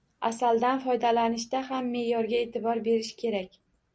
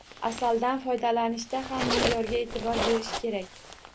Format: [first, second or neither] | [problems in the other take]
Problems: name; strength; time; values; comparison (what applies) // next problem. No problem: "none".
first | background sound (Zipper (clothing)); 5 dB below the speech